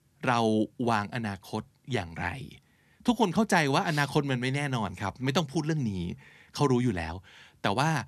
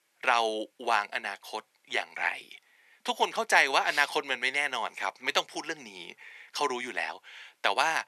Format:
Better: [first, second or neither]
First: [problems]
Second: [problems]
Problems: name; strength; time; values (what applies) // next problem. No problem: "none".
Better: first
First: none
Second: thin; very; fading below 500 Hz